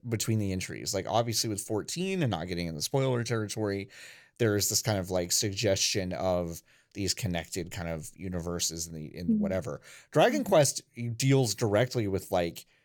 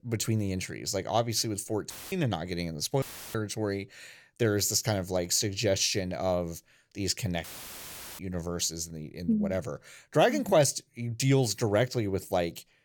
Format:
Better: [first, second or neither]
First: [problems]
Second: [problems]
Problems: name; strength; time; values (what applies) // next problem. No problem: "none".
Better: first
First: none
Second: audio cutting out; filled with static; at 2 s, at 3 s and at 7.5 s for 0.5 s